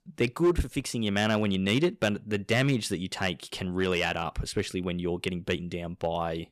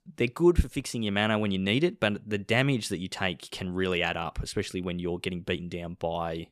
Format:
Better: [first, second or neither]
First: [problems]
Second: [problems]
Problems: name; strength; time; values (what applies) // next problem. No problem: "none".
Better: second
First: distortion; slight; 2% of the sound clipped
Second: none